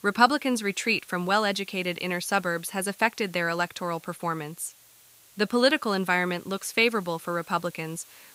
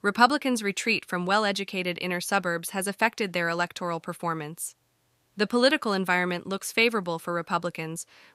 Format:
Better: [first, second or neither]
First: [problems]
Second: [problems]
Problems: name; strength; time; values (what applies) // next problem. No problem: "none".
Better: second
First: hiss; faint; throughout; 25 dB below the speech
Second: none